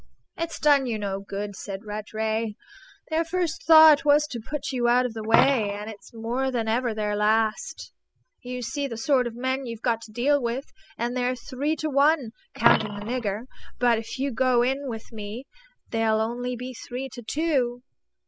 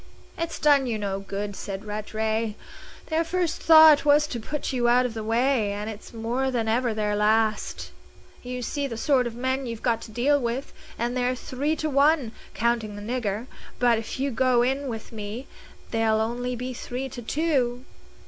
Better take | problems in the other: second | noise reduction (classical method spectral subtraction)

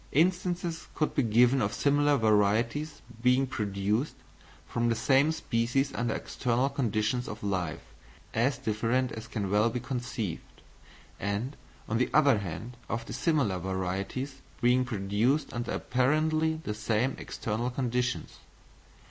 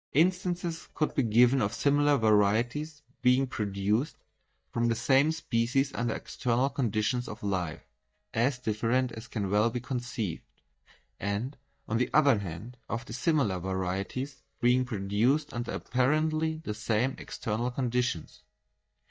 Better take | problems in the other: first | noise reduction (neural mask model DeepFilterNet 3)

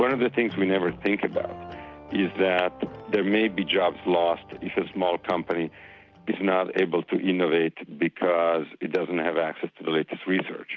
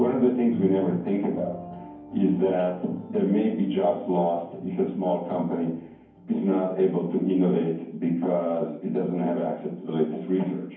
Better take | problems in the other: first | room echo; dies away in 0.9 s

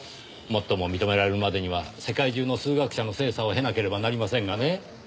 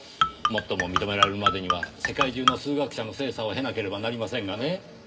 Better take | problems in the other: first | background sound (Marimba, xylophone); 3 dB above the speech // room echo; dies away in 0.3 s

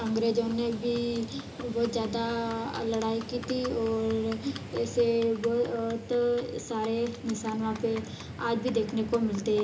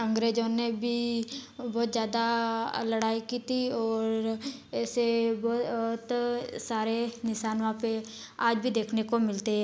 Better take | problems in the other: second | background sound (Livestock, farm animals, working animals); 12 dB below the speech // room echo; dies away in 0.2 s

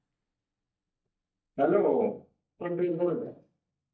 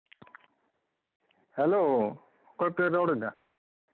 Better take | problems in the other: second | noise reduction (neural mask model DeepFilterNet 3)

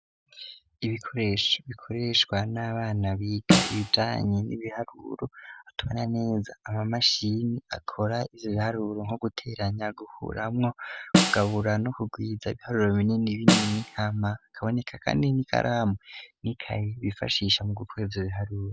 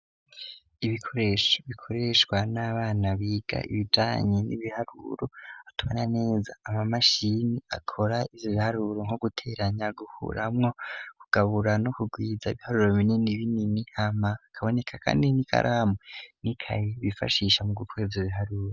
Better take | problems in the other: second | background sound (Snare drum); 1 dB above the speech

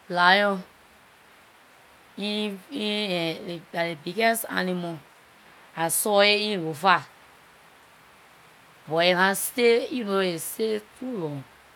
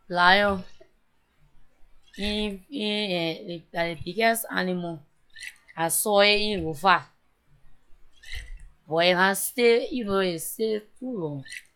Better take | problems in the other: first | noise reduction (classical method log-MMSE)

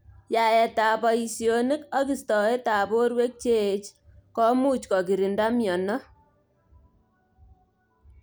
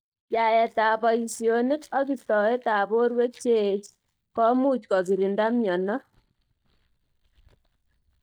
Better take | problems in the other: first | noise reduction (neural mask model DeepFilterNet 3)

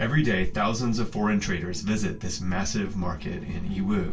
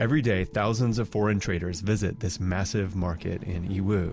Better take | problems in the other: second | room echo; dies away in 0.2 s

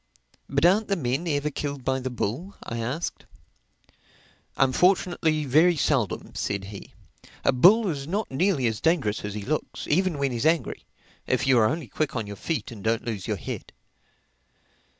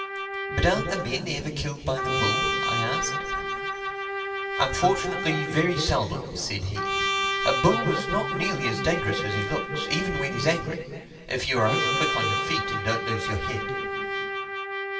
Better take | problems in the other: first | background sound (Trumpet); 2 dB below the speech // room echo; dies away in 2.6 s

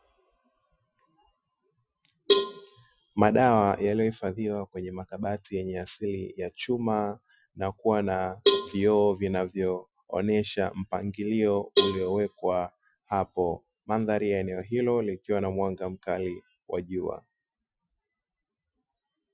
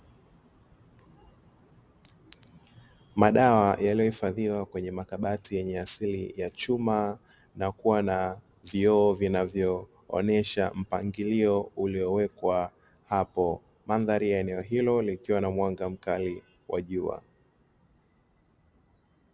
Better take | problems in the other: second | noise reduction (classical method Wiener filter)

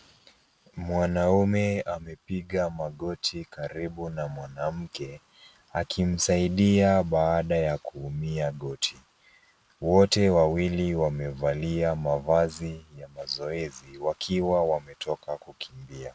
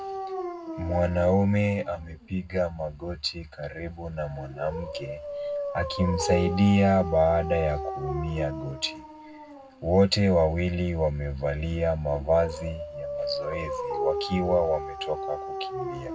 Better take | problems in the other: first | background sound (Dog); 9 dB below the speech // room echo; dies away in 0.3 s

